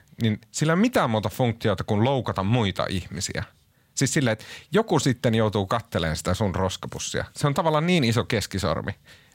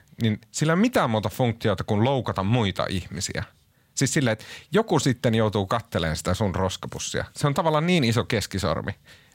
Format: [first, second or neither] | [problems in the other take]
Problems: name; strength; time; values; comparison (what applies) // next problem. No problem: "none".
neither | none